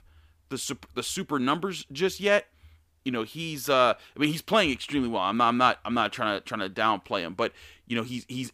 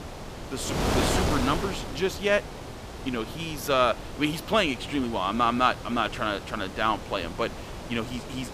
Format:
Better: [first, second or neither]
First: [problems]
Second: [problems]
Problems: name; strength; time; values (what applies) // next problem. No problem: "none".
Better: first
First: none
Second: wind noise on the microphone; heavy; 8 dB below the speech